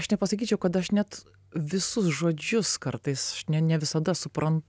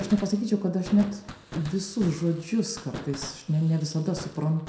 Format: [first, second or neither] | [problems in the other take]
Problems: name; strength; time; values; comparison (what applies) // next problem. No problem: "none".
first | background sound (Fireworks); 16 dB below the speech // room echo; dies away in 0.6 s